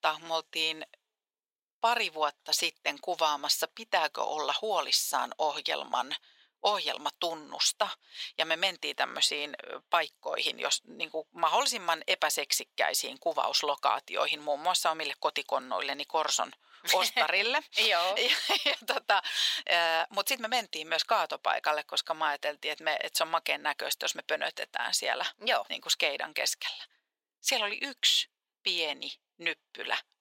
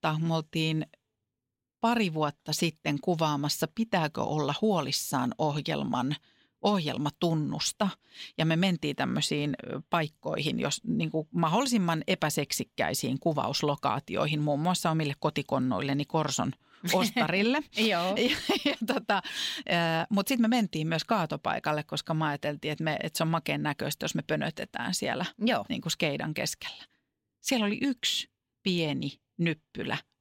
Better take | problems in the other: second | thin; very; fading below 600 Hz

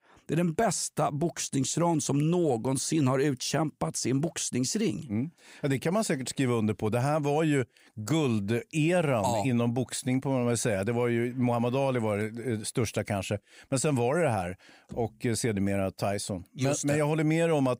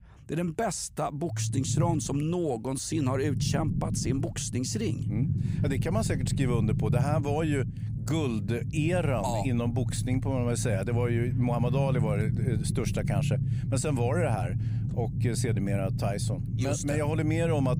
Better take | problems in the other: first | low rumble; loud; throughout; 9 dB below the speech

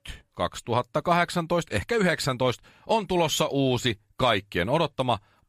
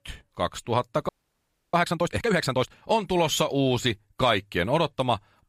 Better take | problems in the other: first | audio freezing; at 1 s for 0.5 s

